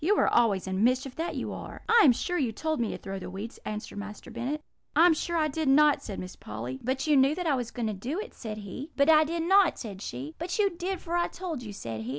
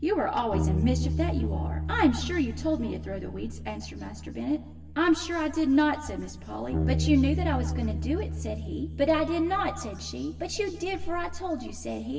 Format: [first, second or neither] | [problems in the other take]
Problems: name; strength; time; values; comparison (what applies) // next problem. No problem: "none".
first | background sound (Bass guitar); 4 dB below the speech // room echo; dies away in 1.3 s